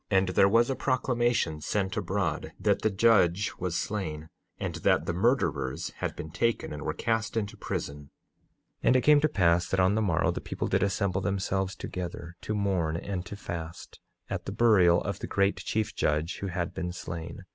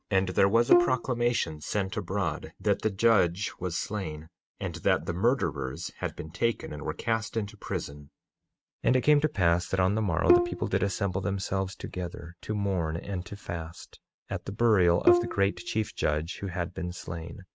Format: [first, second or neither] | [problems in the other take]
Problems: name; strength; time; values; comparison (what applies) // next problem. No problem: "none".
first | noise reduction (neural mask model RNNoise)